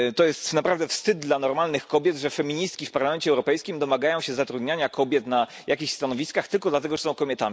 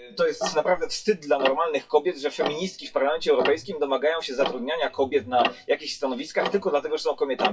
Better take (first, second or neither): first